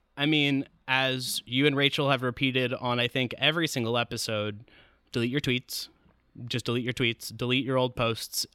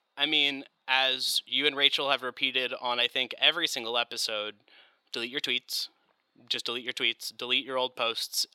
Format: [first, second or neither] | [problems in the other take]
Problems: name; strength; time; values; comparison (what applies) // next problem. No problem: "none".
first | thin; somewhat; fading below 500 Hz